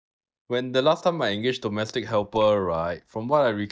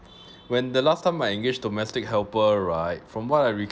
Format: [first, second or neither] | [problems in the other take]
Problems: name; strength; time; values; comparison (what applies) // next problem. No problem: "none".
second | noise reduction (neural mask model DeepFilterNet 3)